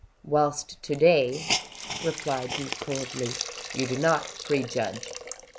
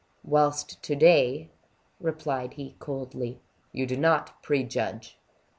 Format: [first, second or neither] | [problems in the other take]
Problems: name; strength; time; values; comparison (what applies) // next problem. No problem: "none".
second | background sound (Hiss); 8 dB below the speech